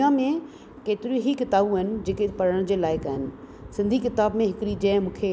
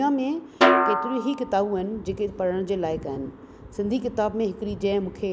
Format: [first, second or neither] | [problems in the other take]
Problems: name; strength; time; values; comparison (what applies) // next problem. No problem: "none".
first | background sound (Snare drum); 2 dB above the speech